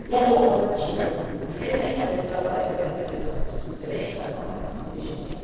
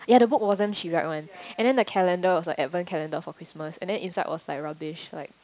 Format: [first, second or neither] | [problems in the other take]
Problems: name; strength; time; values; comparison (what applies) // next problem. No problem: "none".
second | noise reduction (neural separator model SepFormer DNS4)